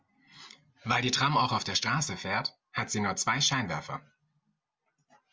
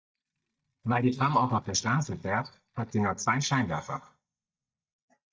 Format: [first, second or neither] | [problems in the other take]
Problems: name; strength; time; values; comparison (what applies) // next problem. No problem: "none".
first | noise reduction (neural mask model DeepFilterNet 3)